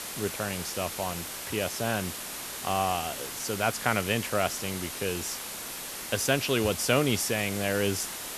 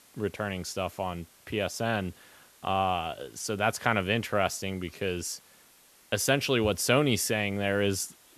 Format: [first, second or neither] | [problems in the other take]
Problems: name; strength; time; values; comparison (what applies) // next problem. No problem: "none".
second | hiss; loud; throughout; 6 dB below the speech; faint in the second